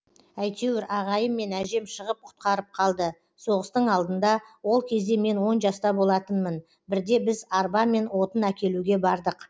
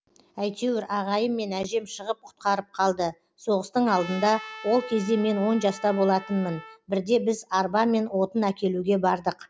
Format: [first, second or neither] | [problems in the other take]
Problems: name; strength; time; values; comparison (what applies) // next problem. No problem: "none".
first | background sound (Trumpet); 16 dB below the speech